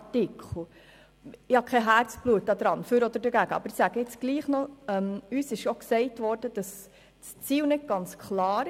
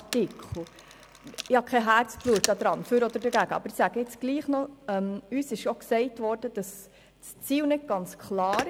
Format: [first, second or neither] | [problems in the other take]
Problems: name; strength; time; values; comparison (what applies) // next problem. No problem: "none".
first | background sound (Telephone); 15 dB below the speech